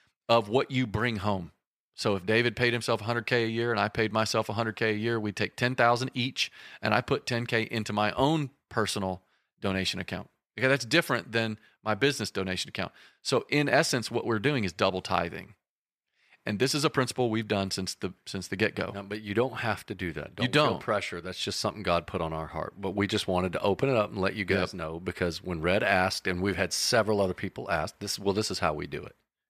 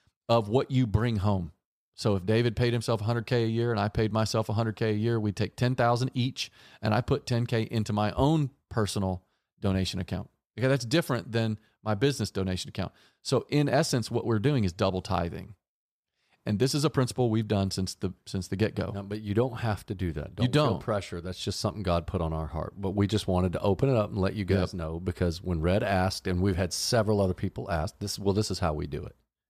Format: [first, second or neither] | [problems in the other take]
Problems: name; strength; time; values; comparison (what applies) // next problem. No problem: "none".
second | thin; very slightly; fading below 500 Hz